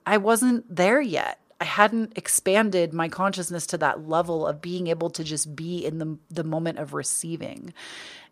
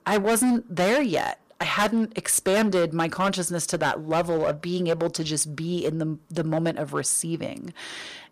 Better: first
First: none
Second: distortion; heavy; 9% of the sound clipped

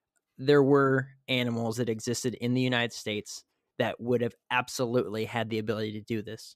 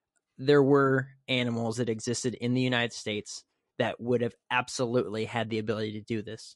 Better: first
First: none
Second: garbled, watery; slightly; nothing above 11 kHz

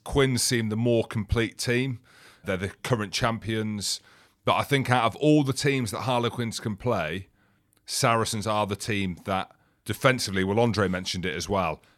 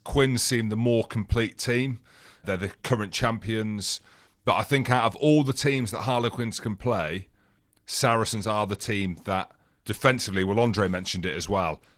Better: first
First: none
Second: garbled, watery; slightly; nothing above 18.5 kHz

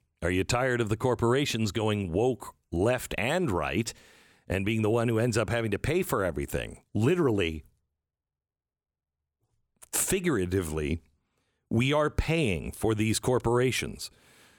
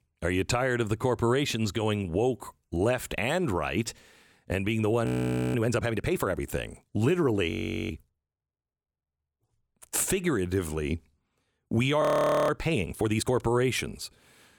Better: first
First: none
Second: audio freezing; at 5 s, at 7.5 s and at 12 s

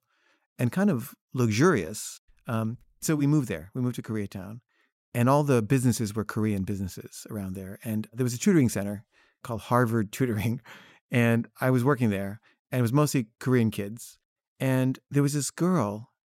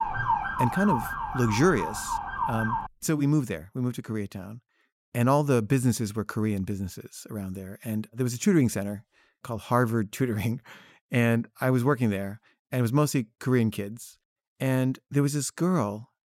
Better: first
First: none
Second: siren; loud; until 3 s; peak 1 dB above the speech

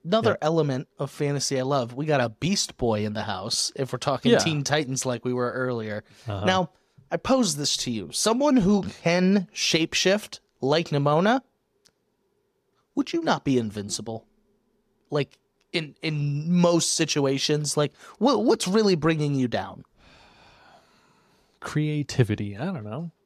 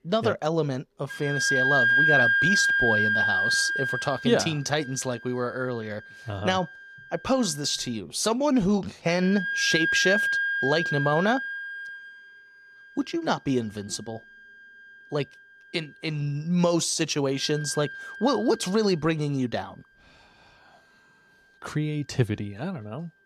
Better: first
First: none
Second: background music; very loud; throughout; 3 dB above the speech

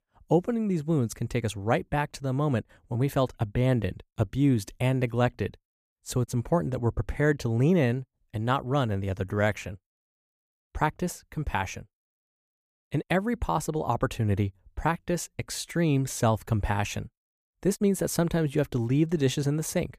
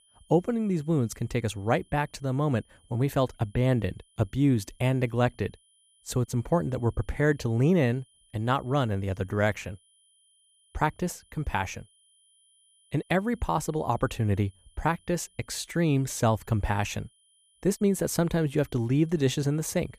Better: first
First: none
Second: high-pitched whine; faint; throughout; 3 kHz, 35 dB below the speech

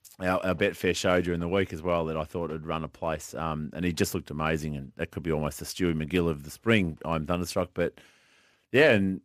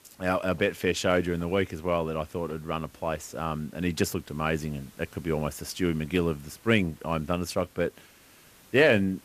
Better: first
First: none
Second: hiss; faint; throughout; 25 dB below the speech

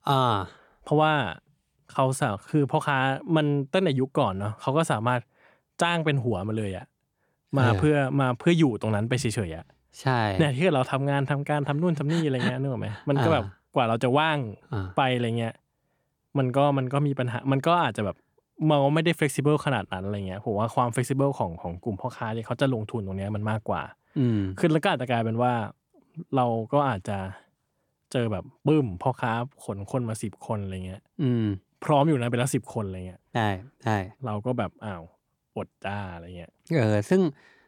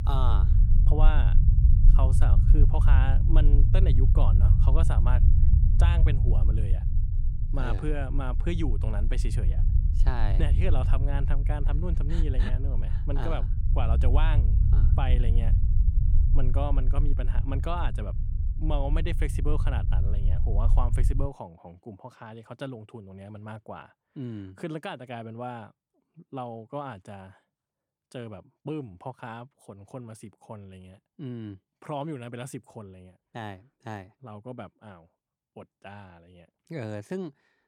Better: first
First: none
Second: low rumble; loud; until 21 s; 5 dB below the speech

